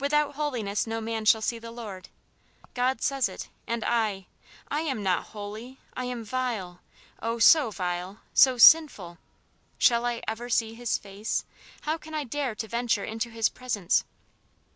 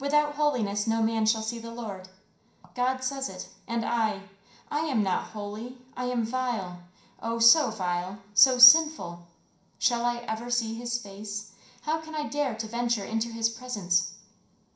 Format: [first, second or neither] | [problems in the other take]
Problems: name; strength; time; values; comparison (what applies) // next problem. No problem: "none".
first | room echo; dies away in 0.5 s